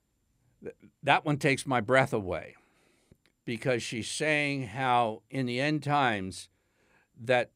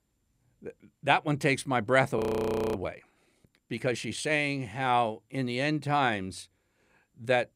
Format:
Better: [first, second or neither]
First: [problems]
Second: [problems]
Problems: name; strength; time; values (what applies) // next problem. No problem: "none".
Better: first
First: none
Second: audio freezing; at 2 s for 0.5 s